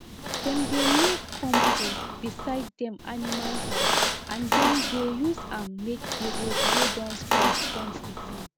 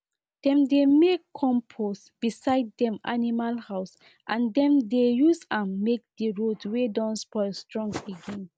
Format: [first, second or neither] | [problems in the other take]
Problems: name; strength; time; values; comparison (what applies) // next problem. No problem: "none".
second | background sound (Squeak); 4 dB above the speech